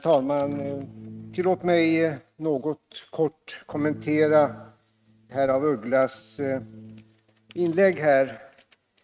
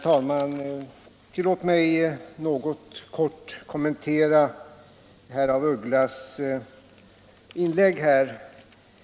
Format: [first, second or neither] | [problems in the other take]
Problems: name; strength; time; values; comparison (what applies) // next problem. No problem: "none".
second | noise reduction (neural mask model RNNoise)